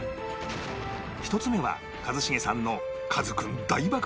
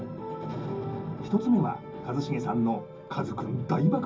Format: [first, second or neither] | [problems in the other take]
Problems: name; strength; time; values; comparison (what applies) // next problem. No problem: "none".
first | room echo; dies away in 0.4 s